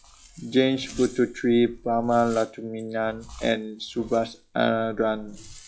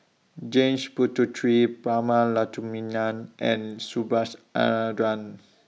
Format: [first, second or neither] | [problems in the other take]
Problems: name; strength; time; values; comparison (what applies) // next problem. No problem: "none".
second | noise reduction (classical method log-MMSE)